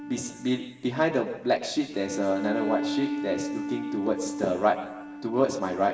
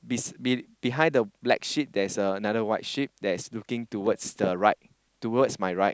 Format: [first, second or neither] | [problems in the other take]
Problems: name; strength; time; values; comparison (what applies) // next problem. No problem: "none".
second | background sound (Bowed string instrument); 7 dB below the speech // room echo; dies away in 1.2 s